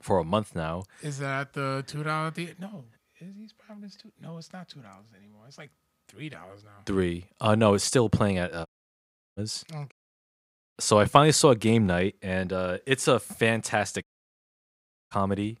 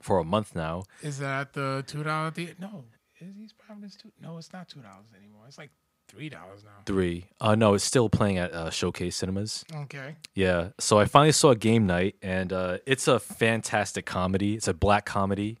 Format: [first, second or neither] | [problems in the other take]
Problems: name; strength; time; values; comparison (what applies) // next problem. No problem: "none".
second | audio cutting out; at 8.5 s for 0.5 s, at 10 s for 1 s and at 14 s for 1 s